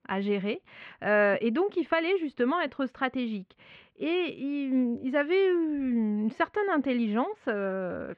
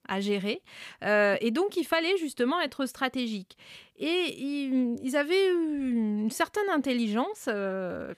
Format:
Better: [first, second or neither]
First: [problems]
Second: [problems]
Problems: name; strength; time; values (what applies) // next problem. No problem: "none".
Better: second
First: muffled; very; fading above 2.5 kHz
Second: none